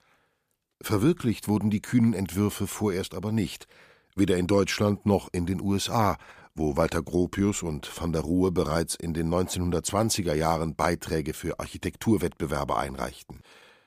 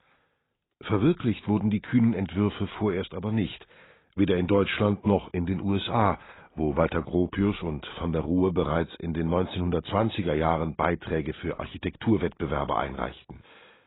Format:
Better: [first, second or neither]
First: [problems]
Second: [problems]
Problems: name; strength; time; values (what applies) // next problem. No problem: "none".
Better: first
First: none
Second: garbled, watery; badly; nothing above 4 kHz